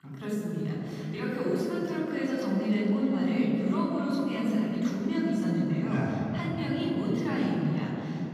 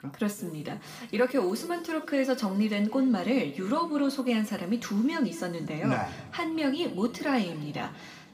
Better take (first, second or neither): second